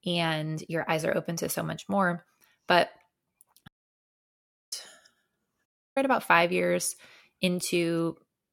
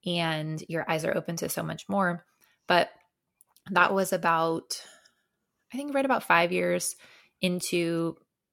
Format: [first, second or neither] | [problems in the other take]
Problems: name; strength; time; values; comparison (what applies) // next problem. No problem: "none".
second | audio cutting out; at 3.5 s for 1 s and at 5.5 s